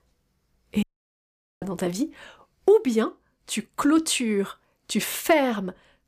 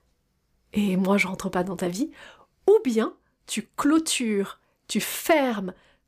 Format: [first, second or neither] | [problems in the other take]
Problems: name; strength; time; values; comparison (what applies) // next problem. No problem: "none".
second | audio cutting out; at 1 s for 1 s